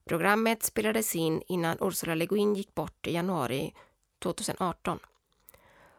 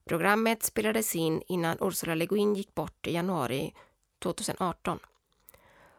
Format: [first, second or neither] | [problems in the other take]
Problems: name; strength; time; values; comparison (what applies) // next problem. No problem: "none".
neither | none